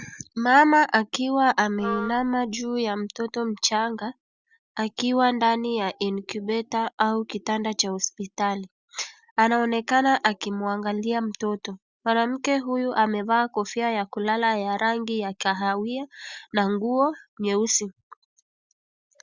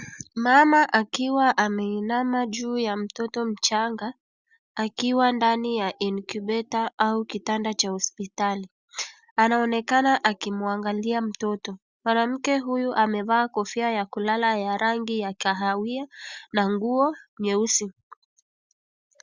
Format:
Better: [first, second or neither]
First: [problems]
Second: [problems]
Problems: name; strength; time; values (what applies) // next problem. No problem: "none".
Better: second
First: background sound (Wind instrument, woodwind instrument); 10 dB below the speech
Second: none